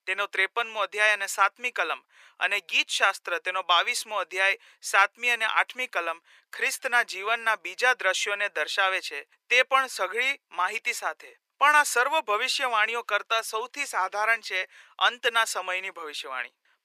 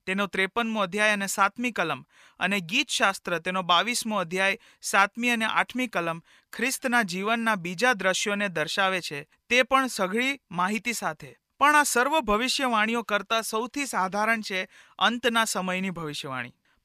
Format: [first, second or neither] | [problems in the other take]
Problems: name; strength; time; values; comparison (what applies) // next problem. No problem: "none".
second | thin; very; fading below 400 Hz